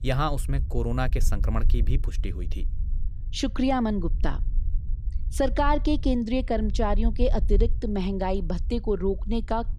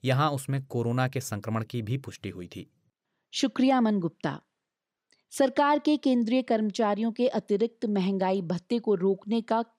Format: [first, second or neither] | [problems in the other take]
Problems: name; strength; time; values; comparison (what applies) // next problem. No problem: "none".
second | low rumble; faint; throughout; 20 dB below the speech